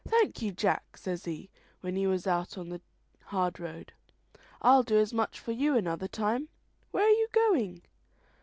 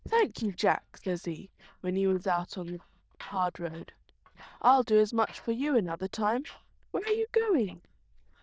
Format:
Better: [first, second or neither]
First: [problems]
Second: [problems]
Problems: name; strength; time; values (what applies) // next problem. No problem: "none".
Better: first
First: none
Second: noise reduction (neural diffusion model UNIVERSE++)